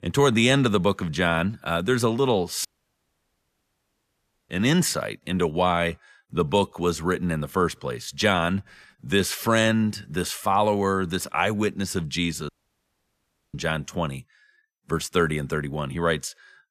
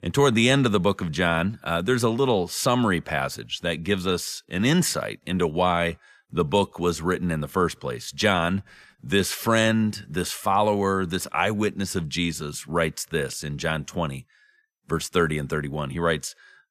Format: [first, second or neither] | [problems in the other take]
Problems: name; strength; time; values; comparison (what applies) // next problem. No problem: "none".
second | audio cutting out; at 2.5 s for 2 s and at 12 s for 1 s